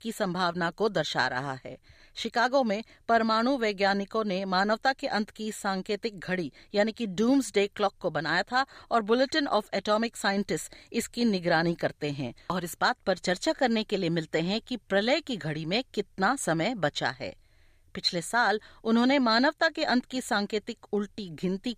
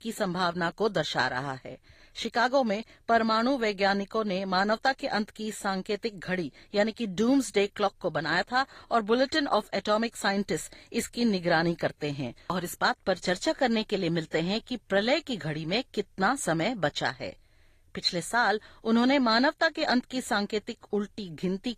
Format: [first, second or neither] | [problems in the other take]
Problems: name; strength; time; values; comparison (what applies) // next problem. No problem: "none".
first | garbled, watery; slightly; nothing above 15 kHz